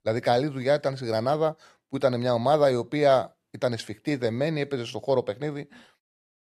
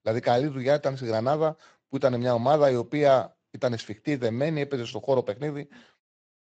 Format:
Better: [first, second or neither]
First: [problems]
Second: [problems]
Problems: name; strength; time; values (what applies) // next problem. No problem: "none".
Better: first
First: none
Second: garbled, watery; slightly; nothing above 7.5 kHz